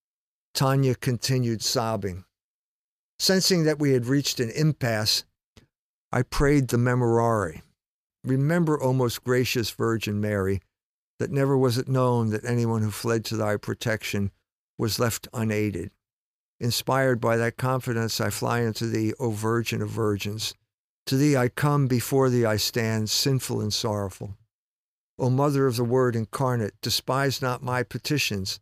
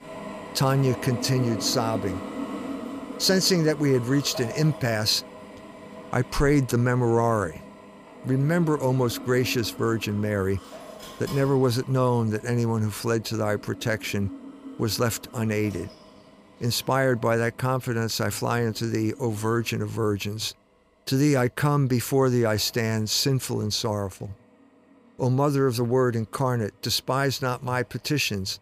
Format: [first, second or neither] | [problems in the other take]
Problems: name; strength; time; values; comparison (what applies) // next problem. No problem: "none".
first | machinery noise; noticeable; throughout; 15 dB below the speech